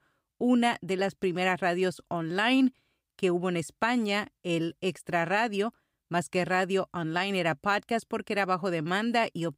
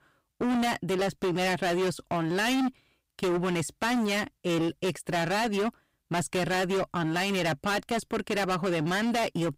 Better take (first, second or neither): first